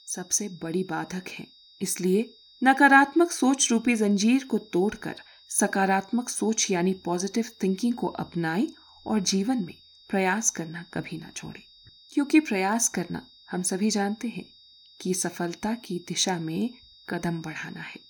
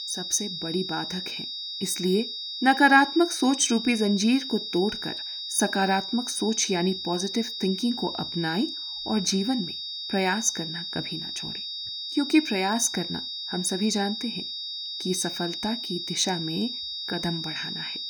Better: first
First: high-pitched whine; faint; throughout; 4 kHz, 25 dB below the speech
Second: high-pitched whine; loud; throughout; 4 kHz, 5 dB below the speech

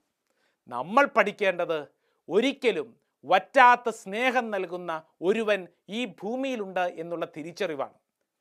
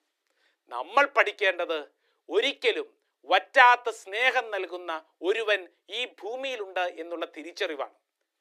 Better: first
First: none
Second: thin; somewhat; fading below 300 Hz

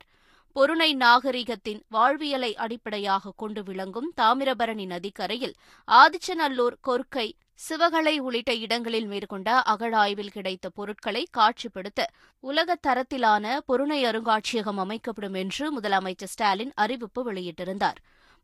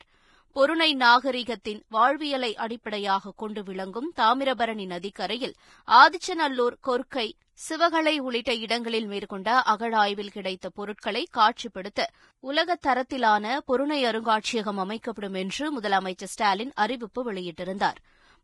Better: first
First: garbled, watery; slightly; nothing above 12.5 kHz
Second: garbled, watery; badly; nothing above 10.5 kHz

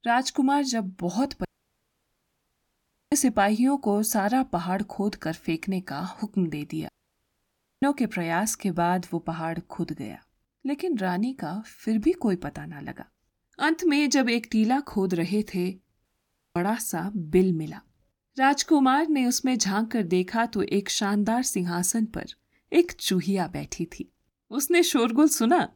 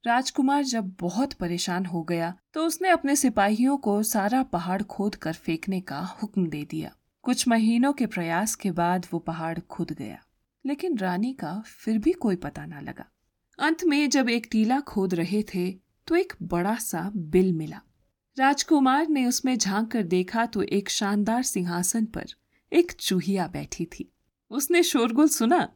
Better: second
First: audio cutting out; at 1.5 s for 1.5 s, at 7 s for 1 s and at 16 s for 0.5 s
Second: none

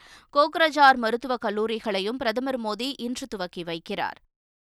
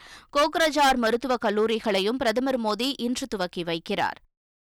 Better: first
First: none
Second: distortion; heavy; 5% of the sound clipped

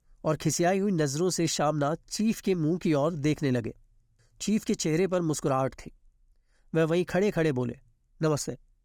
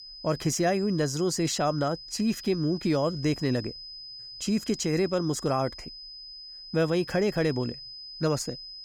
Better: first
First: none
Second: high-pitched whine; noticeable; throughout; 5 kHz, 15 dB below the speech

